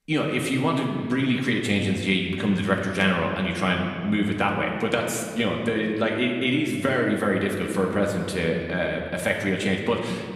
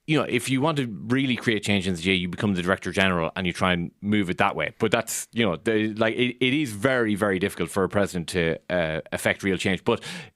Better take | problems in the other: second | room echo; noticeable; dies away in 1.8 s // off-mic speech; somewhat distant

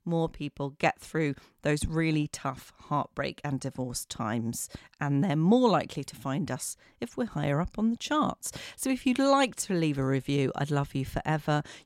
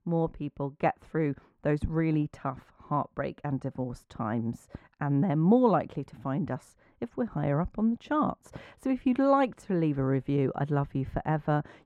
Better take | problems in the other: first | muffled; very; fading above 3 kHz

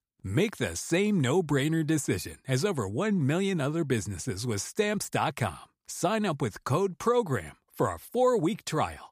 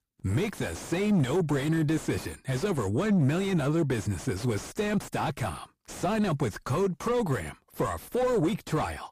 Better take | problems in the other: first | distortion; heavy; 6 dB below the speech

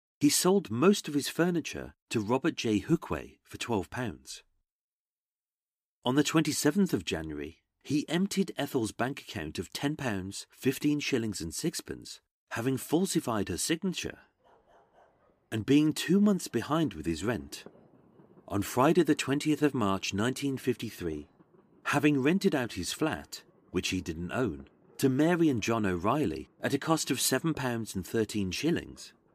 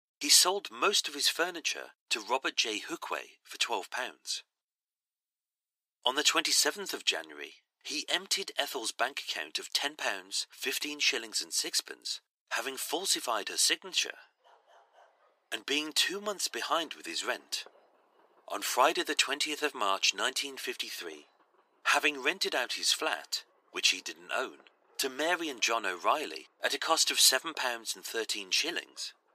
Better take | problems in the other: first | thin; very; fading below 550 Hz

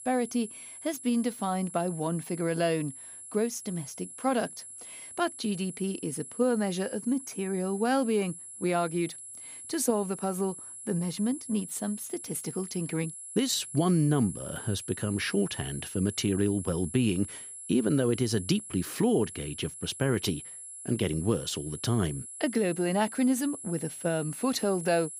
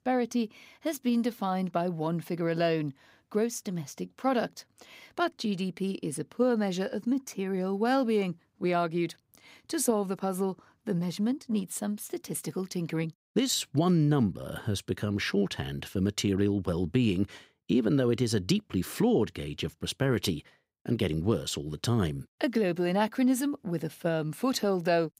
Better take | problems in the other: second | high-pitched whine; noticeable; throughout; 10.5 kHz, 10 dB below the speech

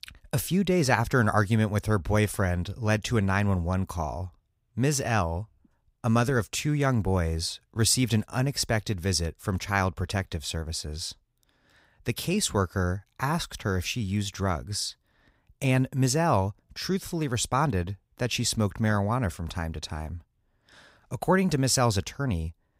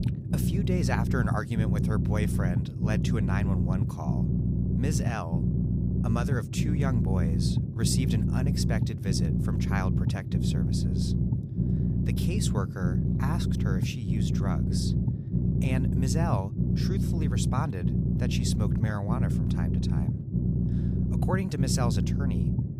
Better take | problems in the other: first | low rumble; loud; throughout; 1 dB below the speech

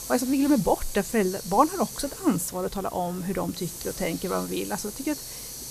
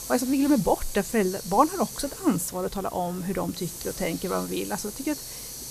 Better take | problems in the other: neither | hiss; loud; throughout; 10 dB below the speech; the same in both

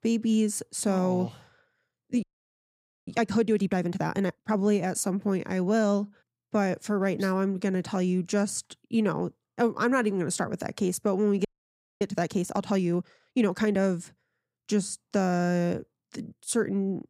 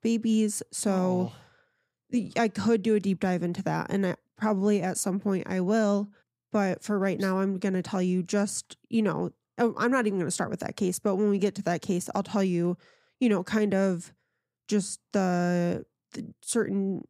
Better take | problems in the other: second | audio freezing; at 2 s for 1 s and at 11 s for 0.5 s

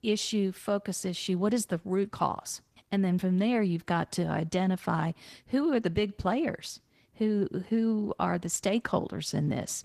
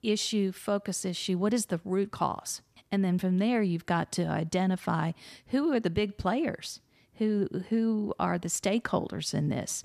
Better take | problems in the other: second | garbled, watery; slightly; nothing above 14.5 kHz

